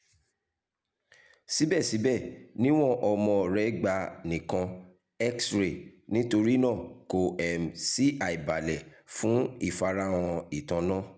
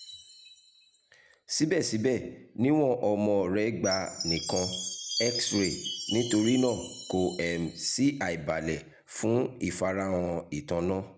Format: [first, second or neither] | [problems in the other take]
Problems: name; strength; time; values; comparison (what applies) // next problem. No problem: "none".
first | background sound (Chime); 11 dB below the speech